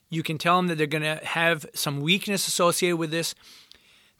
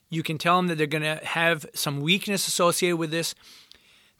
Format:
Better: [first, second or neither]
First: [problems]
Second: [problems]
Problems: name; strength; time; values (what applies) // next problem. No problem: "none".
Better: neither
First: none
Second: none